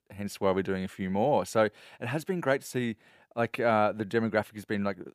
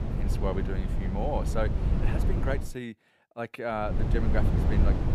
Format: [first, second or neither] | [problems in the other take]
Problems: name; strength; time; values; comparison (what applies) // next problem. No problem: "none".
first | wind noise on the microphone; heavy; until 2.5 s and from 4 s on; 5 dB below the speech